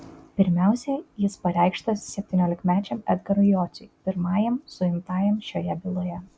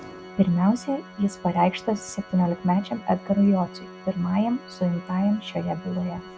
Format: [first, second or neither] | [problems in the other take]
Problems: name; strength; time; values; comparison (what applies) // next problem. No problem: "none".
first | background sound (Organ); 18 dB below the speech